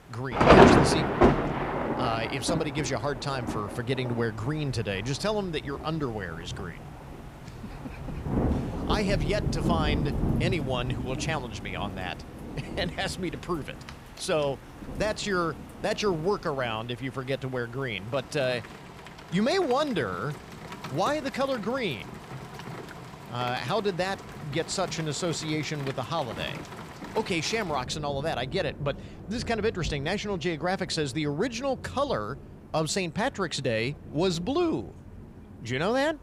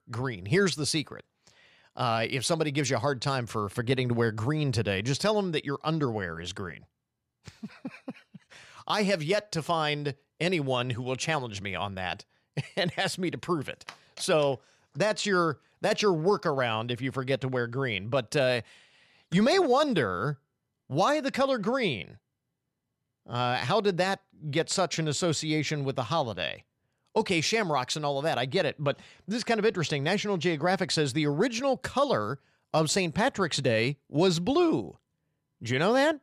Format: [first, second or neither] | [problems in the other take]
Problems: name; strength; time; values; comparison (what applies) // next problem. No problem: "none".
second | rain or running water; very loud; throughout; as loud as the speech